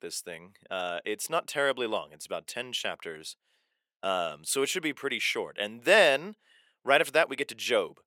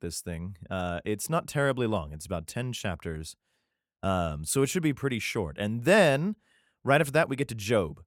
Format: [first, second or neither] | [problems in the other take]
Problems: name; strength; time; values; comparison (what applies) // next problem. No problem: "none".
second | thin; somewhat; fading below 450 Hz